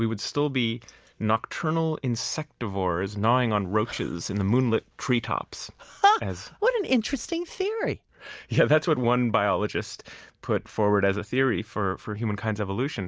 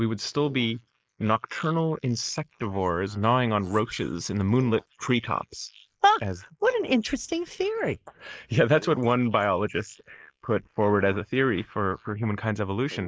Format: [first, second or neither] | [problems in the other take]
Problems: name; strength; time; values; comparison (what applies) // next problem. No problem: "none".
first | noise reduction (neural mask model Resemble Enhance denoiser)